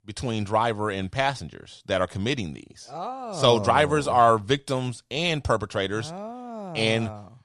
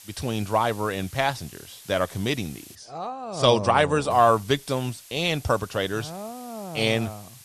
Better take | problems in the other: first | hiss; faint; until 3 s and from 4 s on; 20 dB below the speech

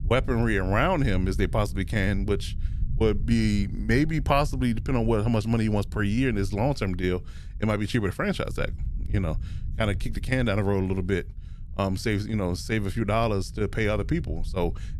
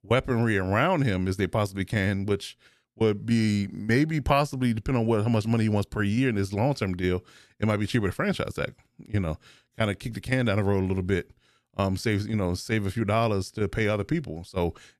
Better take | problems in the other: second | low rumble; faint; throughout; 25 dB below the speech

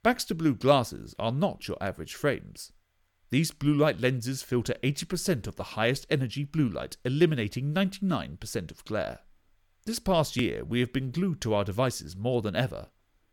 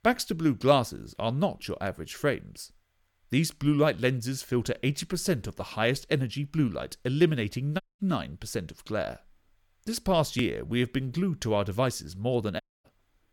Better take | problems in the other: first | audio cutting out; at 8 s and at 13 s

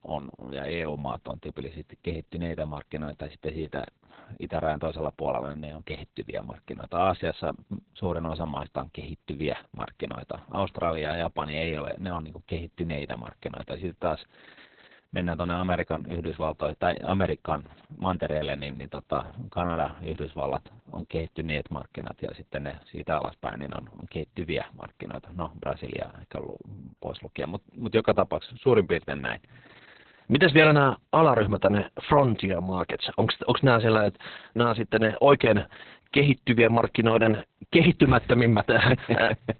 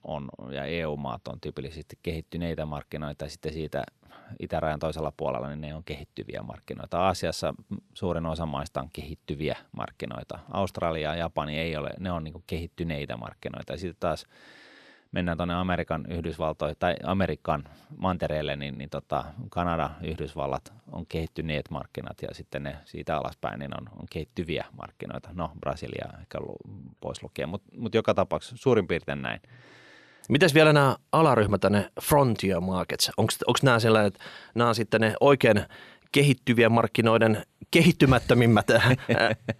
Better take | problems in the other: second | garbled, watery; badly; nothing above 4 kHz

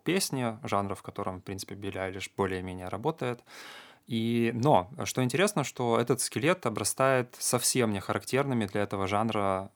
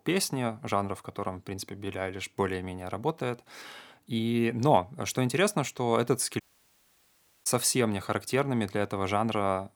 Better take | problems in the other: first | audio cutting out; at 6.5 s for 1 s

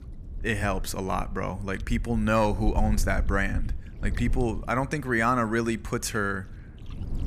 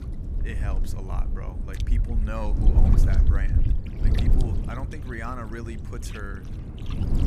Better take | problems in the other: first | wind noise on the microphone; heavy; 3 dB below the speech; occasional gusts in the first

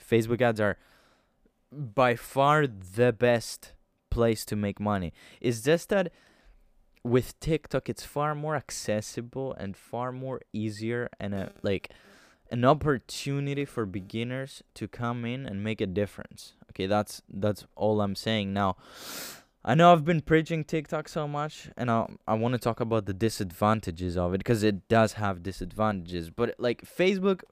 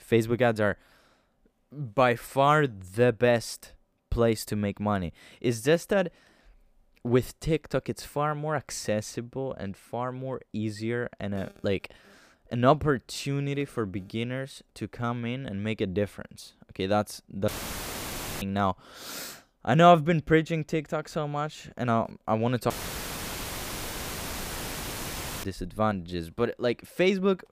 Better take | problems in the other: first | audio cutting out; filled with static; at 17 s for 1 s and at 23 s for 2.5 s

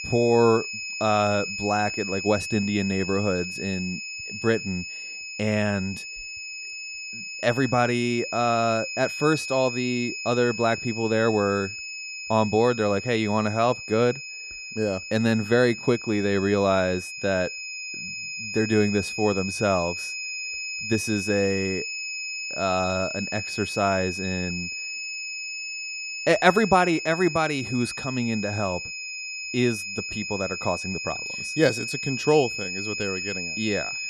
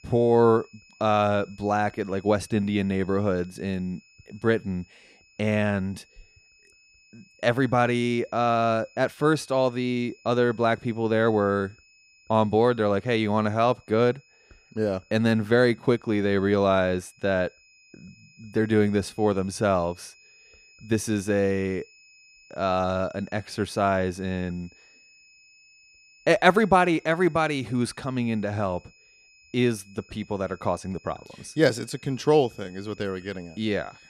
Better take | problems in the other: second | high-pitched whine; loud; throughout; 2.5 kHz, 6 dB below the speech; faint in the second

